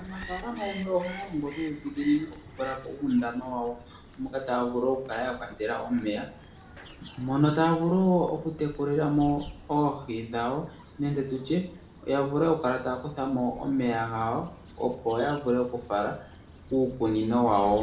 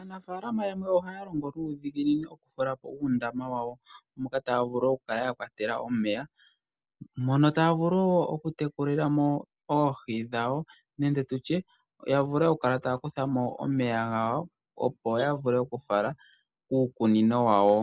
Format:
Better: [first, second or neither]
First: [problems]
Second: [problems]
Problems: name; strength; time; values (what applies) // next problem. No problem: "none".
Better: second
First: background sound (Bird vocalization, bird call, bird song); 19 dB below the speech // room echo; dies away in 0.5 s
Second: none